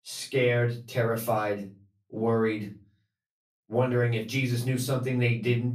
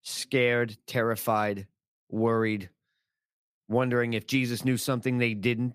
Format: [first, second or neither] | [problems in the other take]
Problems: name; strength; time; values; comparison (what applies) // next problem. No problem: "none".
second | room echo; slight; dies away in 0.3 s // off-mic speech; far